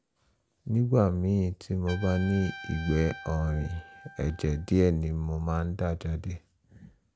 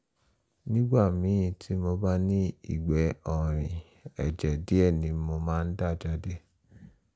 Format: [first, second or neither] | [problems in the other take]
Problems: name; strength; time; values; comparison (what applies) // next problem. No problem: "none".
second | background sound (Trumpet); 19 dB below the speech